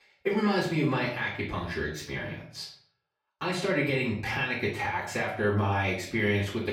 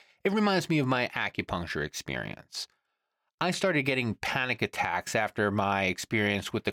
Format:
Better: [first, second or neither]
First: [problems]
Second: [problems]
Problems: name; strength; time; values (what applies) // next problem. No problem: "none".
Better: second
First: off-mic speech; far // room echo; noticeable; dies away in 0.5 s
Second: none